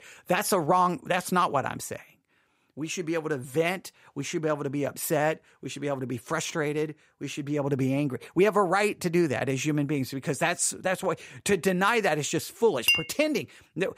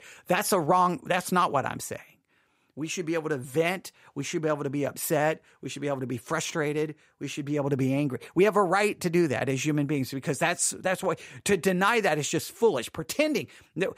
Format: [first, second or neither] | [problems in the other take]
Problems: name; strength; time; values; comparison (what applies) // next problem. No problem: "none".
second | clattering dishes; loud; at 13 s; peak 4 dB above the speech